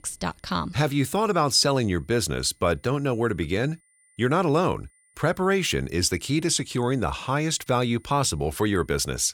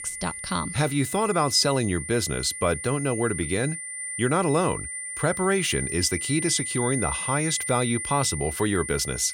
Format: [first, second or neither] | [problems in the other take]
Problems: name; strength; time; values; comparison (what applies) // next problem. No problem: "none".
first | high-pitched whine; loud; throughout; 2 kHz, 5 dB below the speech; faint in the first